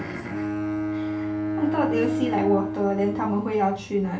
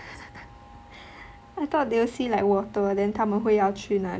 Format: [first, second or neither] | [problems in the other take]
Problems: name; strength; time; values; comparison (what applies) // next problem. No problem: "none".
second | background sound (Bowed string instrument); 2 dB below the speech // room echo; dies away in 0.3 s